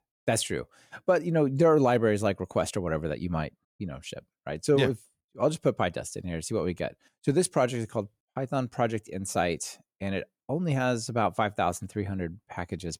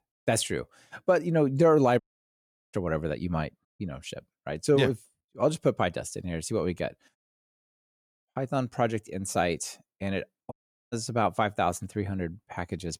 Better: first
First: none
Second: audio cutting out; at 2 s for 0.5 s, at 7 s for 1 s and at 11 s

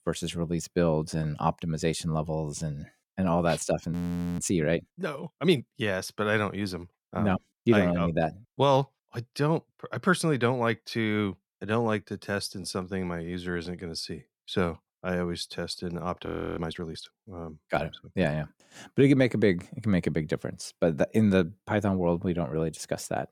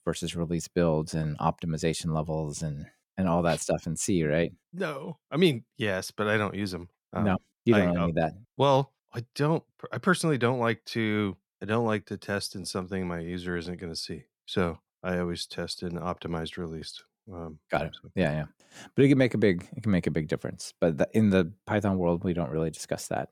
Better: second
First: audio freezing; at 4 s and at 16 s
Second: none

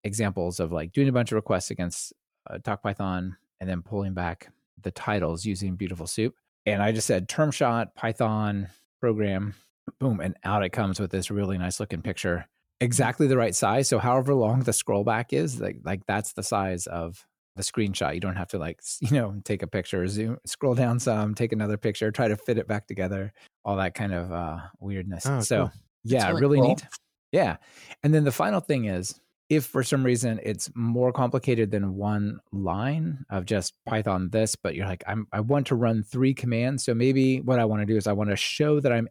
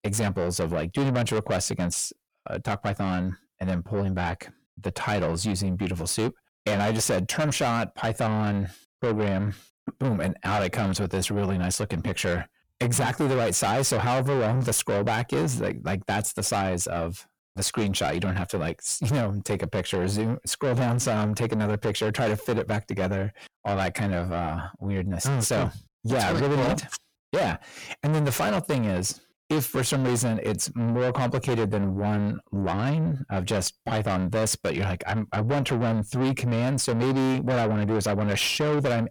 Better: first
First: none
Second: distortion; heavy; 6 dB below the speech

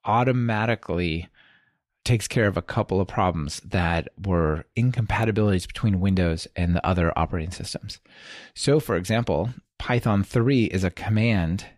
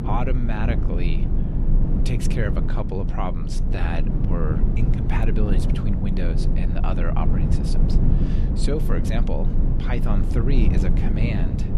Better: first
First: none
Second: low rumble; loud; throughout; 2 dB below the speech

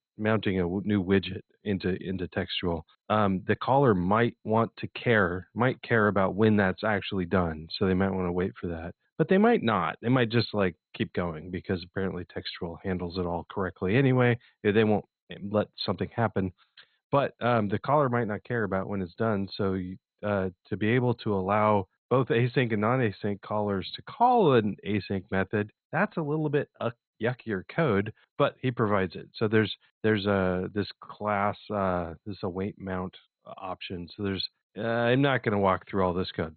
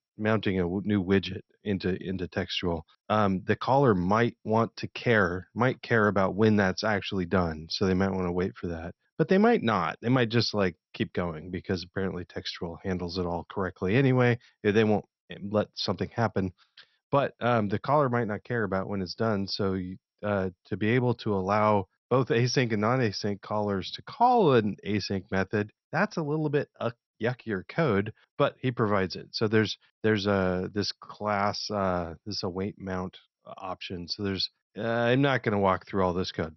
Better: second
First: garbled, watery; badly; nothing above 4 kHz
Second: garbled, watery; slightly; nothing above 6 kHz

